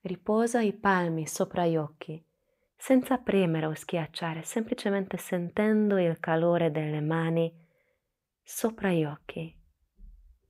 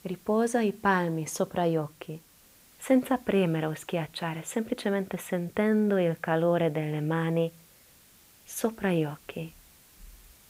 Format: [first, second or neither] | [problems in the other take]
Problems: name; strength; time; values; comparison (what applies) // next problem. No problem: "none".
first | hiss; faint; throughout; 25 dB below the speech